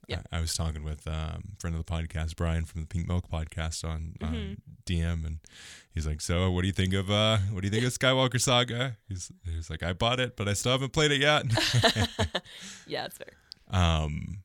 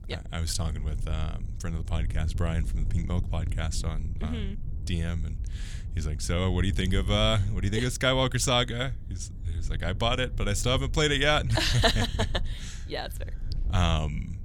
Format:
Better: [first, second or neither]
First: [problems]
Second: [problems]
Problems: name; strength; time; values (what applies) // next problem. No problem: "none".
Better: first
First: none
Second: wind noise on the microphone; occasional gusts; 25 dB below the speech